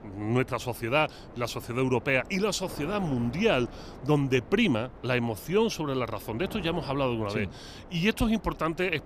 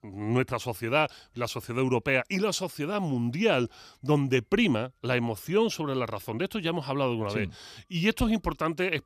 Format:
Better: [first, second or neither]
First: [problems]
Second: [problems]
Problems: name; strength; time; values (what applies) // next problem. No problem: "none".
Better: second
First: wind noise on the microphone; occasional gusts; 20 dB below the speech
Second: none